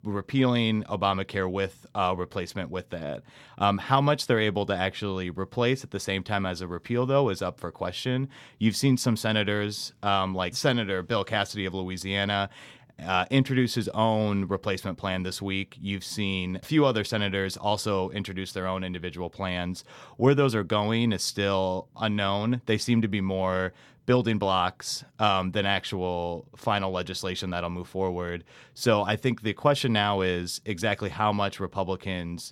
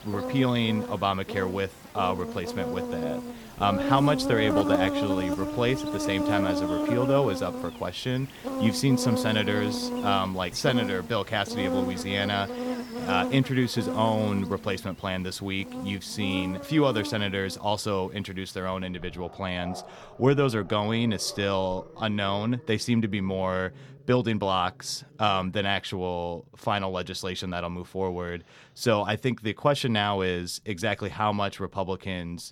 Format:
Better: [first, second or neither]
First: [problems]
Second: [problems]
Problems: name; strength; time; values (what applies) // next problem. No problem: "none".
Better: first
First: none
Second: animal sounds; loud; throughout; 4 dB below the speech